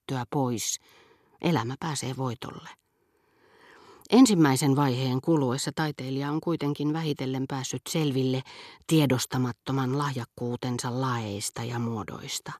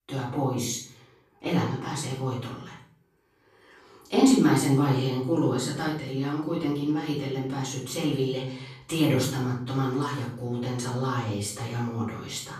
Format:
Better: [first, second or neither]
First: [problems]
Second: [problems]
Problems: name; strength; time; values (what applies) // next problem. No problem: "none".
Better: first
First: none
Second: off-mic speech; far // room echo; noticeable; dies away in 0.5 s